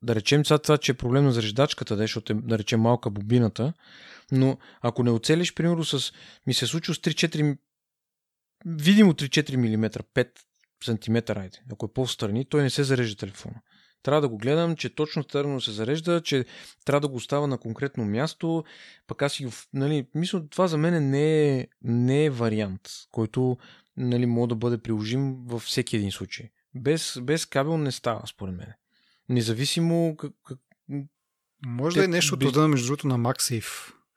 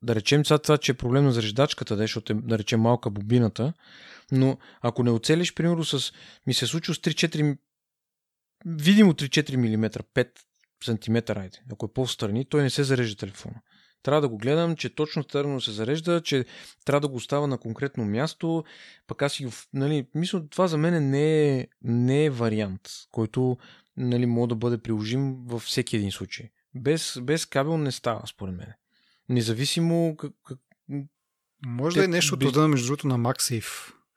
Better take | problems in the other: neither | none

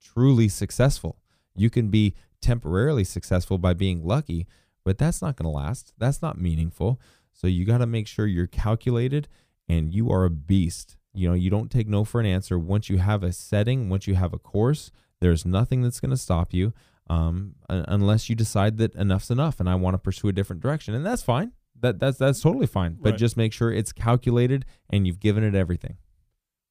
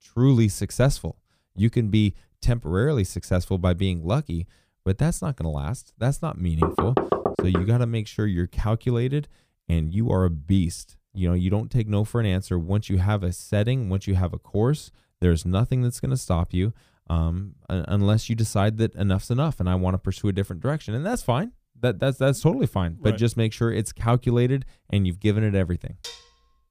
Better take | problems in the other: first | door banging; loud; from 6.5 to 7.5 s; peak 1 dB above the speech // clattering dishes; faint; at 26 s; peak 15 dB below the speech

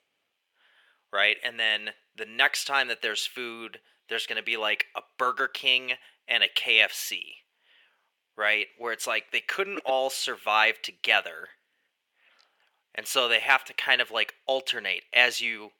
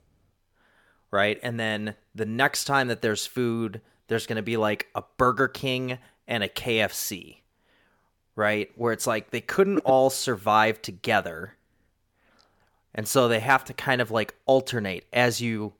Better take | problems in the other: second | thin; very; fading below 500 Hz

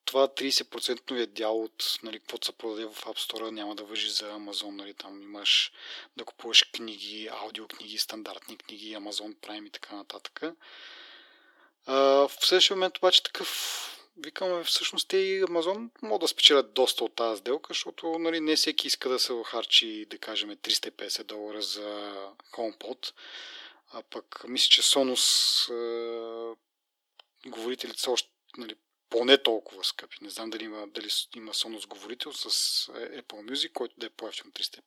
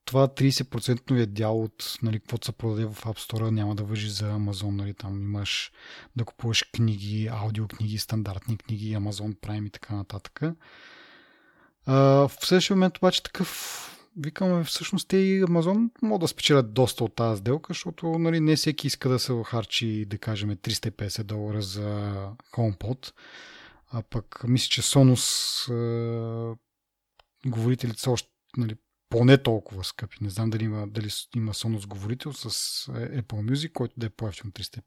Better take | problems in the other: second | thin; very; fading below 350 Hz

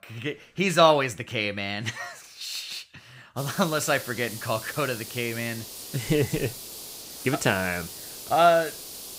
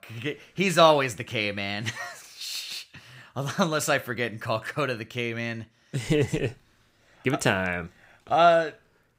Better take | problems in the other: second | hiss; noticeable; from 3.5 s on; 10 dB below the speech

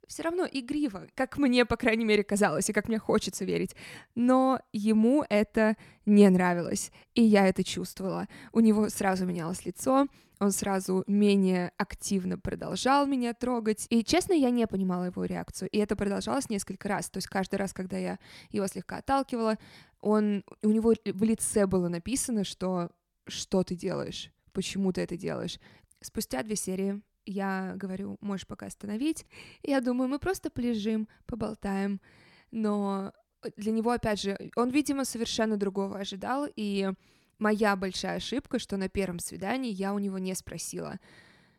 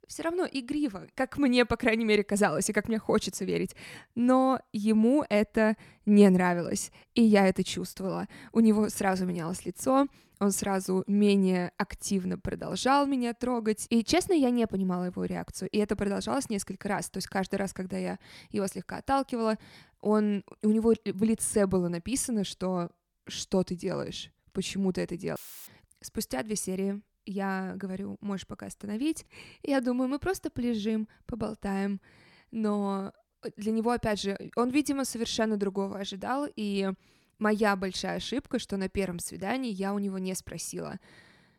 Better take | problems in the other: first | audio cutting out; filled with static; at 25 s

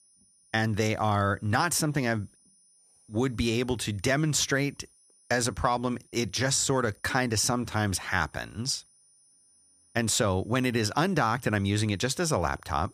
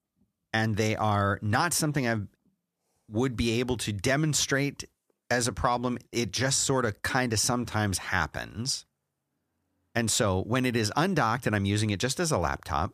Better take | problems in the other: second | high-pitched whine; faint; throughout; 9.5 kHz, 30 dB below the speech

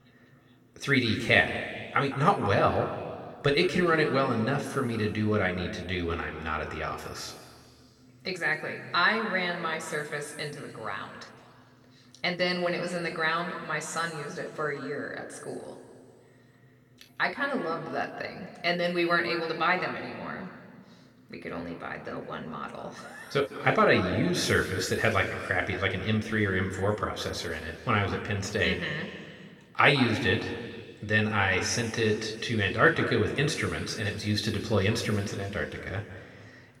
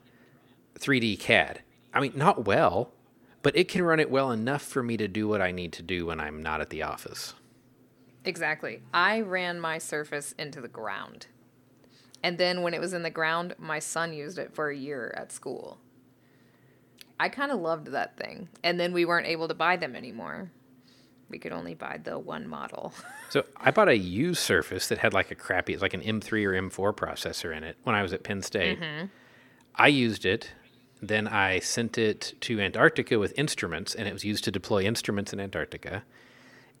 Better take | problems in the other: second | room echo; noticeable; dies away in 1.9 s // off-mic speech; somewhat distant

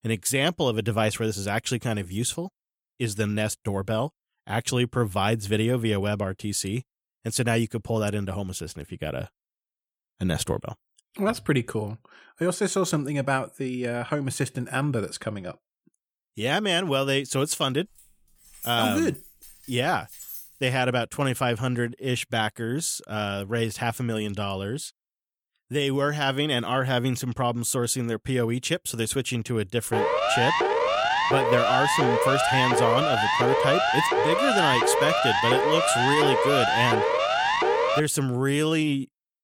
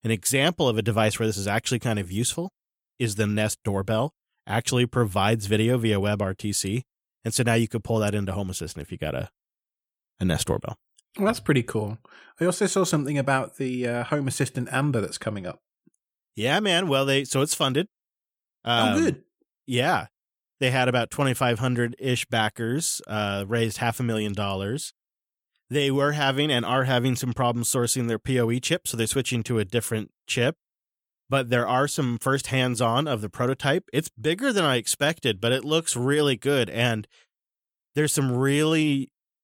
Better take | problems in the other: second | jangling keys; noticeable; from 18 to 20 s; peak 9 dB below the speech // siren; loud; from 30 to 38 s; peak 4 dB above the speech

